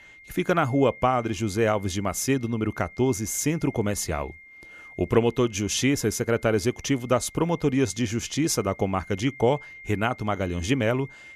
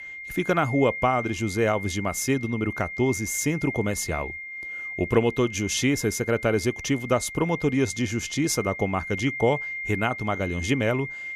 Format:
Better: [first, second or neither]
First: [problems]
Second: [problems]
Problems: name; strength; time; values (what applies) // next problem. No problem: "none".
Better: first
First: high-pitched whine; faint; throughout; 2 kHz, 20 dB below the speech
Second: high-pitched whine; loud; throughout; 2 kHz, 8 dB below the speech